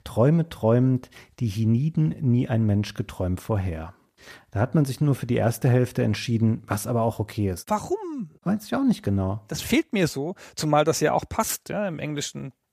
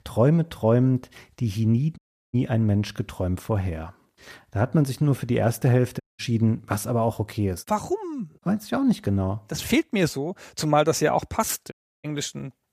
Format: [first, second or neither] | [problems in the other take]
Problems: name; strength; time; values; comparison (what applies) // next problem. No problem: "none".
first | audio cutting out; at 2 s, at 6 s and at 12 s